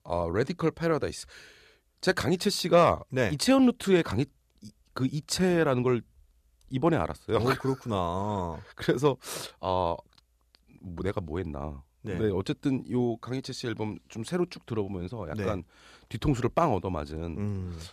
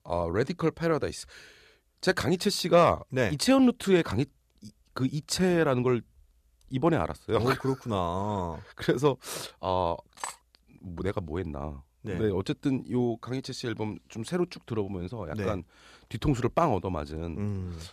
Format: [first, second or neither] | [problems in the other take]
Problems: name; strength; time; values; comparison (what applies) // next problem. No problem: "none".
first | clattering dishes; faint; at 10 s; peak 10 dB below the speech